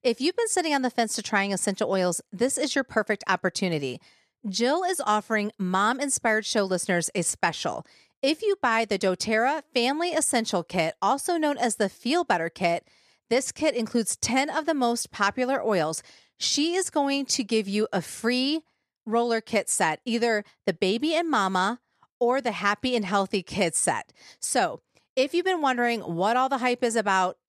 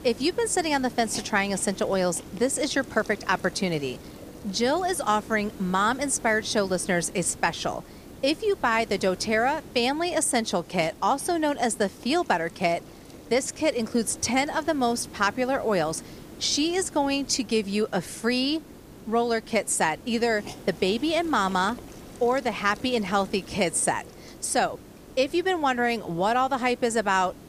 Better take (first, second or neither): first